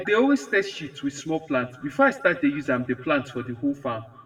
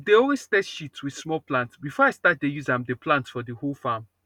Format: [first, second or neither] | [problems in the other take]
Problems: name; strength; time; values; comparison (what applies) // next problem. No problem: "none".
second | room echo; dies away in 1 s